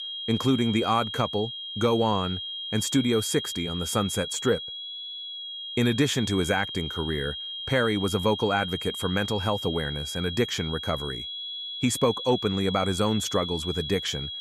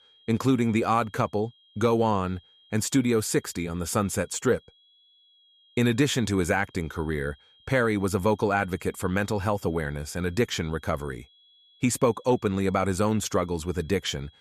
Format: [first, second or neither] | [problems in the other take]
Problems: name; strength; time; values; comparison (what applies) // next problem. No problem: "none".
second | high-pitched whine; loud; throughout; 3 kHz, 6 dB below the speech; faint in the second